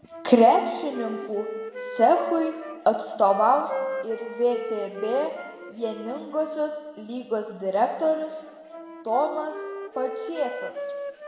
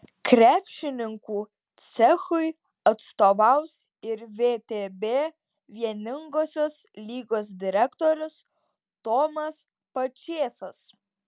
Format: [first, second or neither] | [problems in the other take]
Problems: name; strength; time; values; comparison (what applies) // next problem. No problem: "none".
second | background sound (Wind instrument, woodwind instrument); 11 dB below the speech // room echo; dies away in 2 s